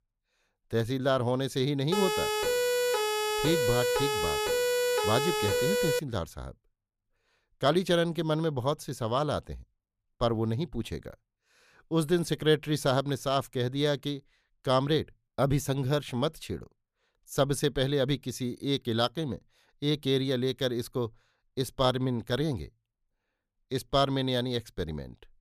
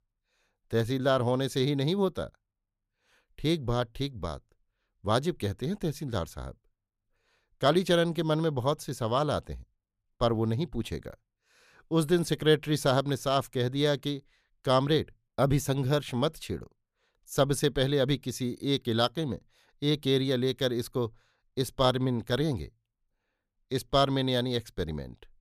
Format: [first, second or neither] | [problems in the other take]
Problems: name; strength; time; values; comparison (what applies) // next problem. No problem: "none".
second | siren; loud; from 2 to 6 s; peak 3 dB above the speech